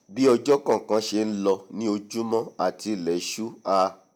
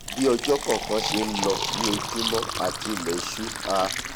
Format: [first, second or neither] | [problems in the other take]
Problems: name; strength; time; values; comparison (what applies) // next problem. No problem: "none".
first | background sound (Fill (with liquid)); 3 dB below the speech